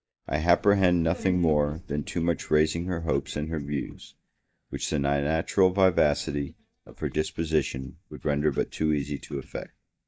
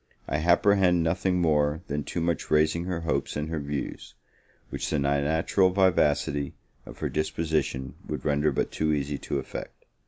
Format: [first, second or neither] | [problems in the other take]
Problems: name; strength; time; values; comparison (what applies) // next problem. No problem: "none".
second | noise reduction (neural mask model DeepFilterNet 3)